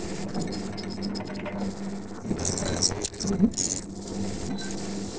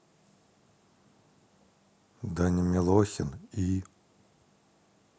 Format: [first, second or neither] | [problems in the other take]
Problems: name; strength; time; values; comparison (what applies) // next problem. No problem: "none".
second | noise reduction (neural separator model SepFormer DNS4)